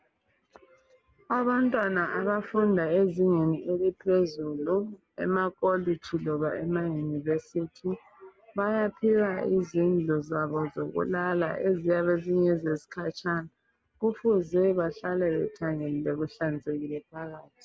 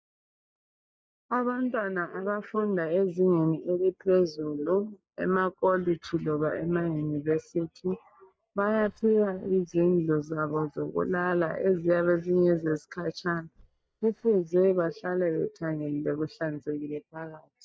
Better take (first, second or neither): first